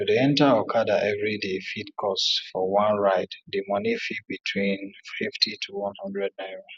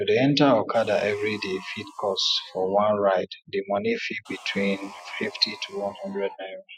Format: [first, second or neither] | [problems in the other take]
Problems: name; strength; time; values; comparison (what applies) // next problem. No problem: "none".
first | noise reduction (classical method Wiener filter)